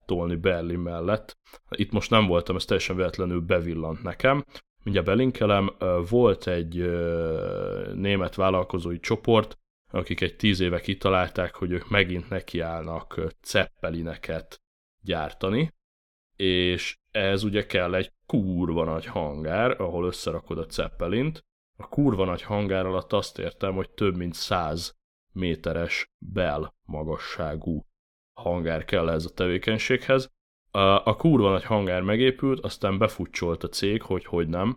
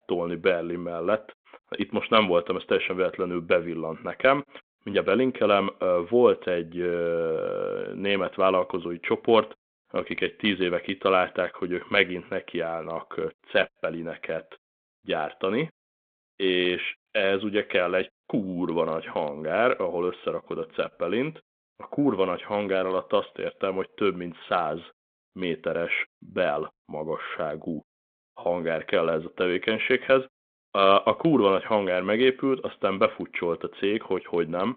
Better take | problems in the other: first | phone-call audio

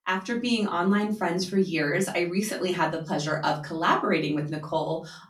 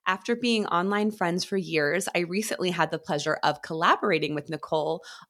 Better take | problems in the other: second | off-mic speech; far // room echo; very slight; dies away in 0.4 s

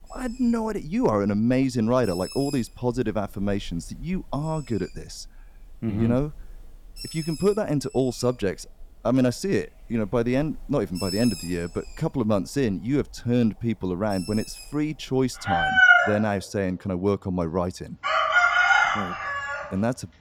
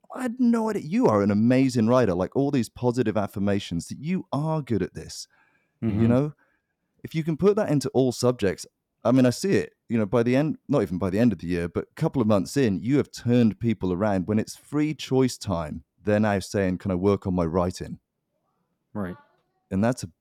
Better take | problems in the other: second | animal sounds; very loud; throughout; 4 dB above the speech

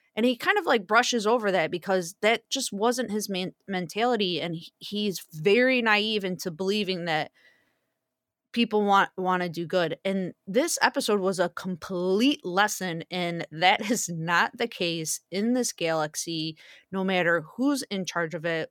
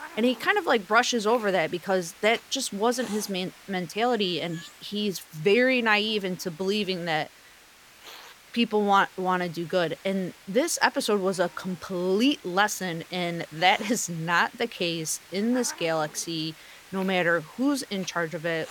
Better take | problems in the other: first | hiss; faint; throughout; 20 dB below the speech

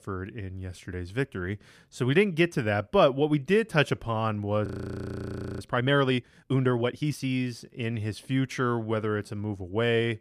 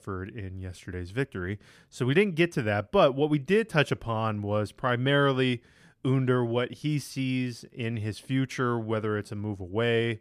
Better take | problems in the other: second | audio freezing; at 4.5 s for 1 s

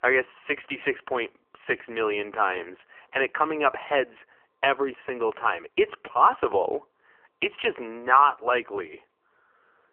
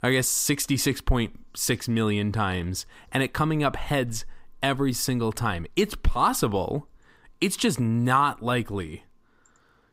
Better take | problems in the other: second | phone-call audio; poor line; nothing above 3 kHz

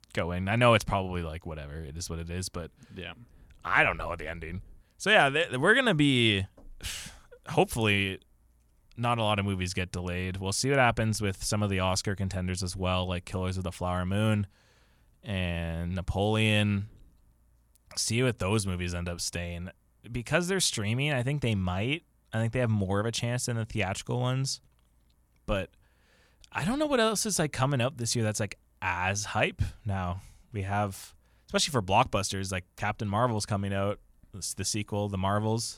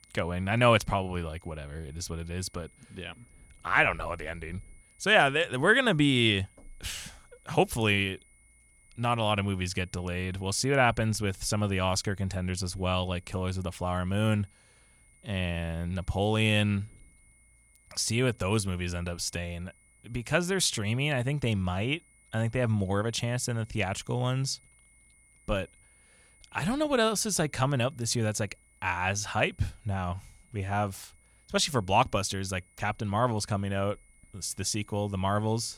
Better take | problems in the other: first | high-pitched whine; faint; throughout; 2 kHz, 30 dB below the speech

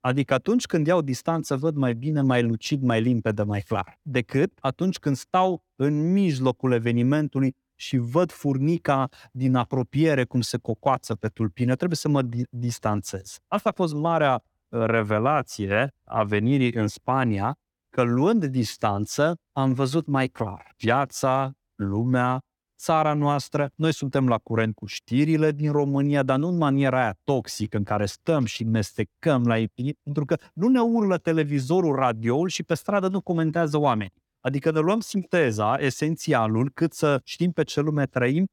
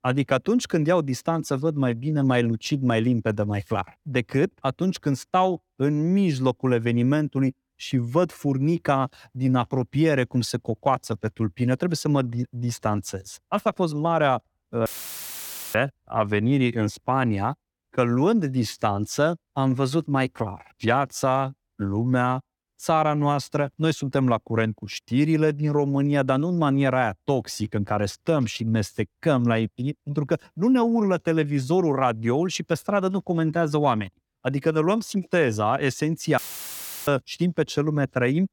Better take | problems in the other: first | audio cutting out; filled with static; at 15 s for 1 s and at 36 s for 0.5 s

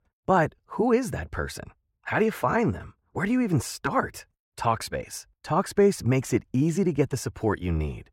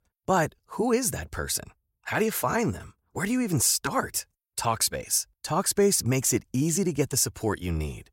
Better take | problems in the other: second | muffled; slightly; fading above 4 kHz

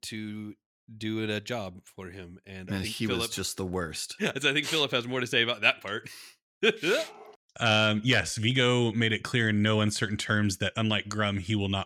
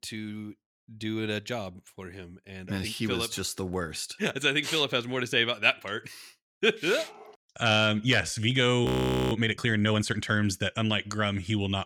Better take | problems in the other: first | audio freezing; at 9 s

